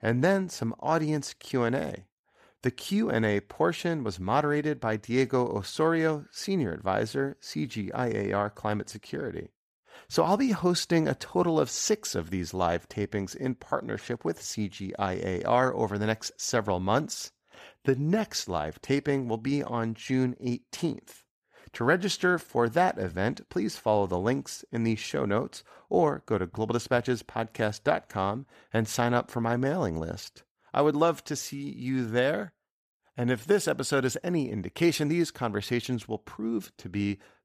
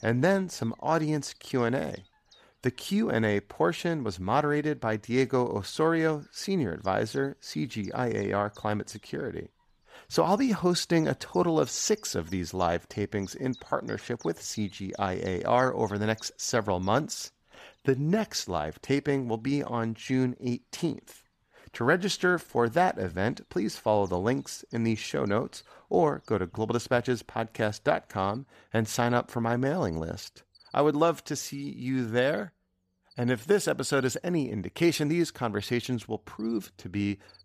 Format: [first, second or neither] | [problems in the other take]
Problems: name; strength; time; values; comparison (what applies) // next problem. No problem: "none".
first | animal sounds; faint; throughout; 30 dB below the speech